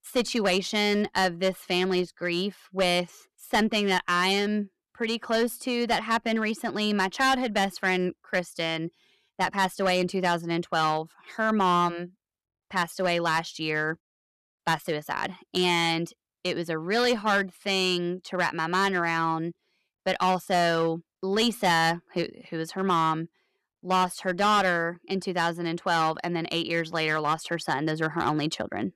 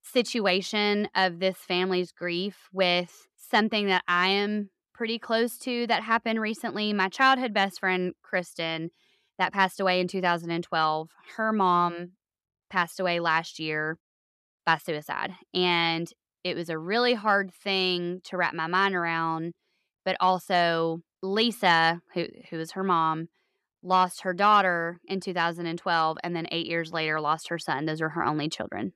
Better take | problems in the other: second | distortion; slight; 6% of the sound clipped

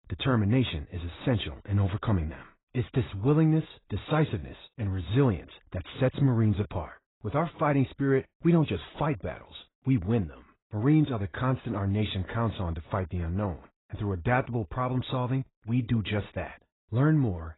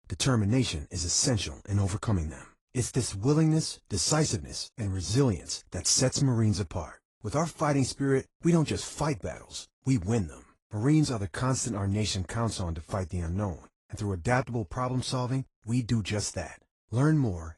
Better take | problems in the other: second | garbled, watery; badly; nothing above 4 kHz; slightly in the second

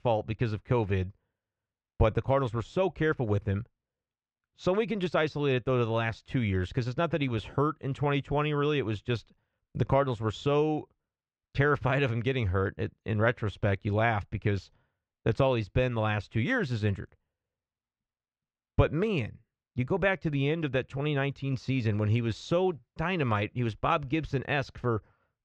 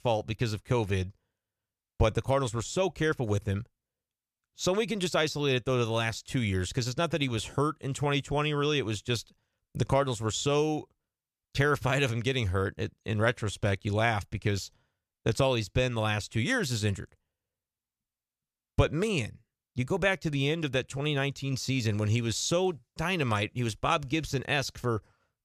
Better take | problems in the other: second | muffled; very; fading above 2.5 kHz

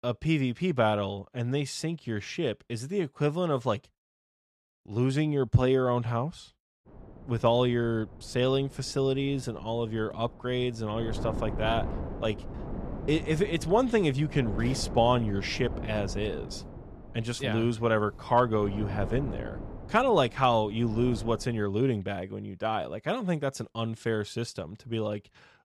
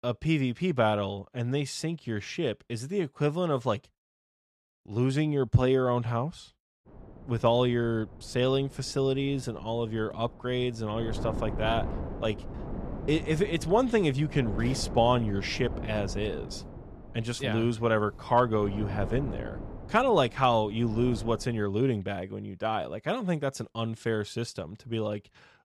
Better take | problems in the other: neither | wind noise on the microphone; occasional gusts; from 7 to 22 s; 15 dB below the speech; the same in both

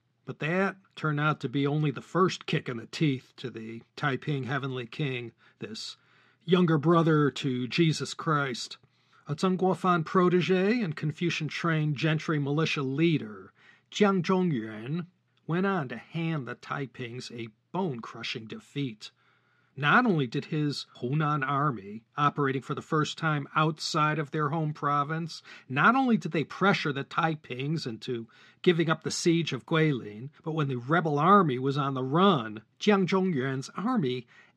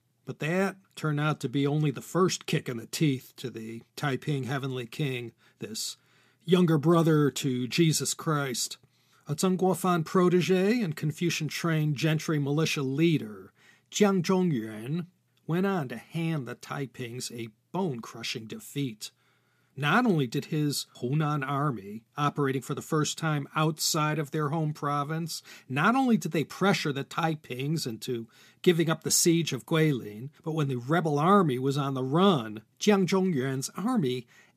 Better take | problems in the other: second | muffled; slightly; fading above 3.5 kHz

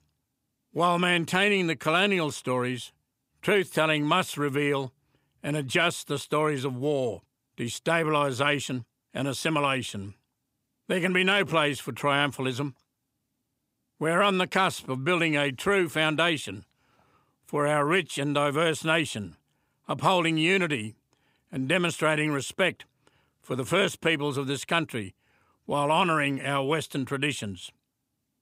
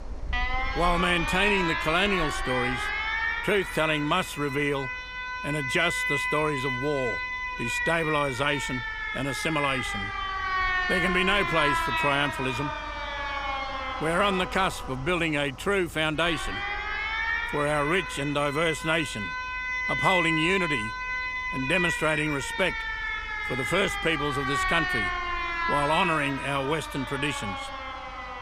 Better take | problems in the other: first | alarms or sirens; loud; throughout; 2 dB below the speech

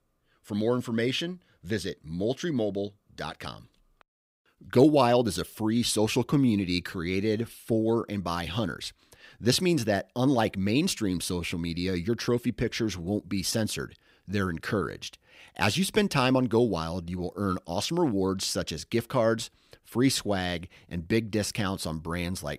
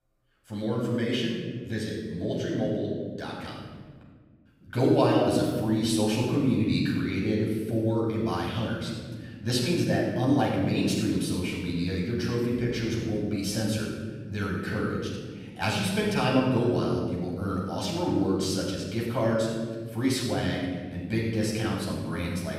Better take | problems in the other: first | off-mic speech; far // room echo; noticeable; dies away in 1.6 s

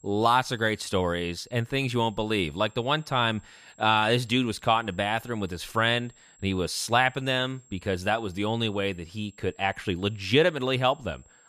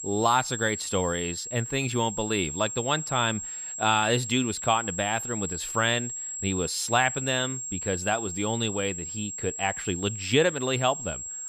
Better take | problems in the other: first | high-pitched whine; loud; throughout; 7.5 kHz, 6 dB below the speech; faint in the first

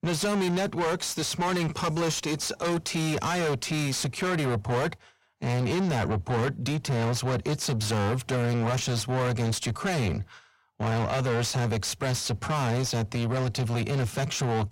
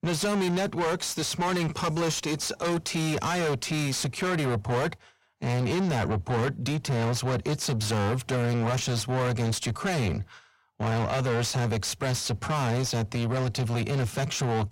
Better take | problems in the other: neither | distortion; heavy; 5 dB below the speech; the same in both

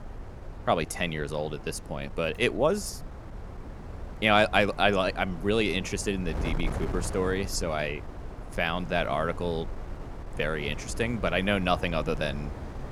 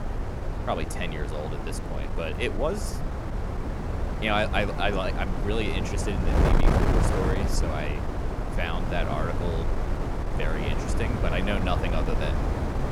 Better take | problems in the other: first | wind noise on the microphone; heavy; 3 dB below the speech; occasional gusts in the first

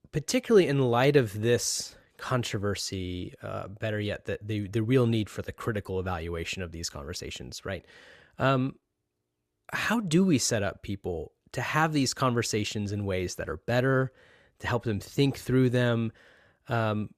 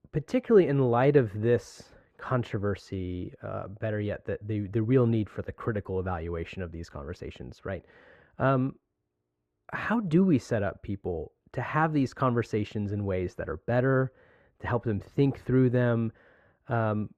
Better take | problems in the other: first | muffled; very; fading above 3 kHz

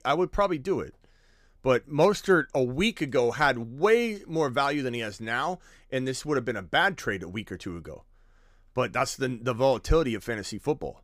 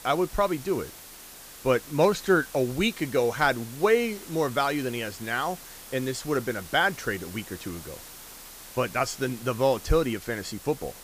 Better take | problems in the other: first | hiss; noticeable; throughout; 15 dB below the speech

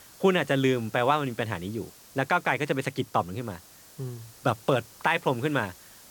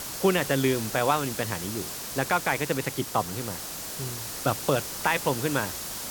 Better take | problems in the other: first | hiss; loud; throughout; 5 dB below the speech; faint in the first

